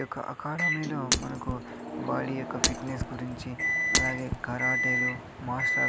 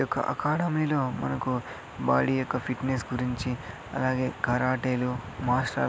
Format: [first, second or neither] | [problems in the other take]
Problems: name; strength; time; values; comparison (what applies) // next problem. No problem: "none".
second | background sound (Microwave oven + Shatter); 4 dB above the speech